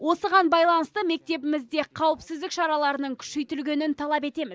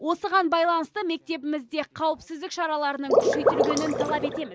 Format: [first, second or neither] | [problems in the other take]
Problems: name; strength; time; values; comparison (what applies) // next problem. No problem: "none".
first | background sound (Water / Liquid); 4 dB above the speech